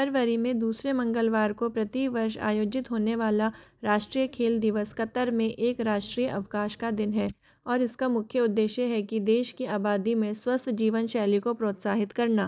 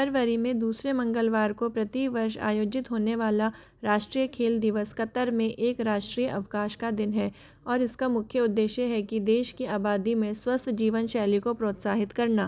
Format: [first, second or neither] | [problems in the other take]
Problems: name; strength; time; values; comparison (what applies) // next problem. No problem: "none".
second | noise reduction (neural mask model DeepFilterNet 3)